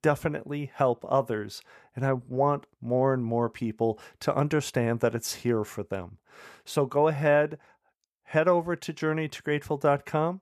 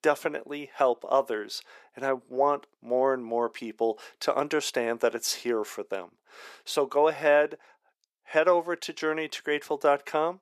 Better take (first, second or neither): first